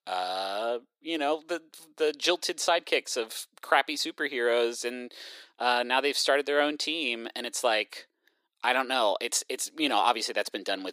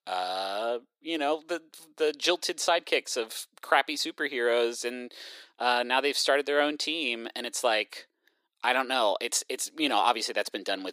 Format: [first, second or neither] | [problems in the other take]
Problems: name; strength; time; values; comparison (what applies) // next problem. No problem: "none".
neither | thin; very; fading below 400 Hz; the same in both